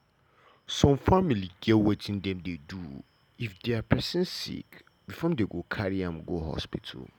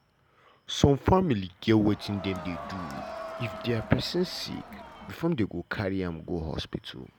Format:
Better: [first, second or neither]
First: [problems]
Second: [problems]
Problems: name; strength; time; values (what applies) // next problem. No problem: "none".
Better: first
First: none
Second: background sound (Crowd); 12 dB below the speech